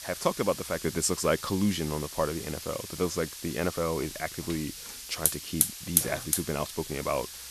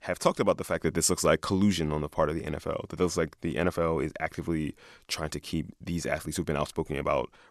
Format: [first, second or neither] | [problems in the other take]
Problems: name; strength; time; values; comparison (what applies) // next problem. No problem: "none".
second | hiss; loud; throughout; 2 dB below the speech